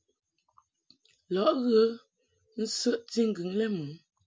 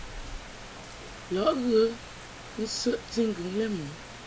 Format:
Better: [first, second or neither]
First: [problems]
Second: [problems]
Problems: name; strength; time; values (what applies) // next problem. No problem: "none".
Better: first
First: none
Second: background sound (Rain); 12 dB below the speech